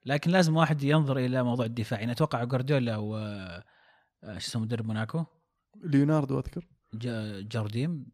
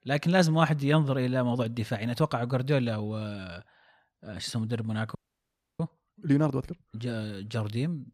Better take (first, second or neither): first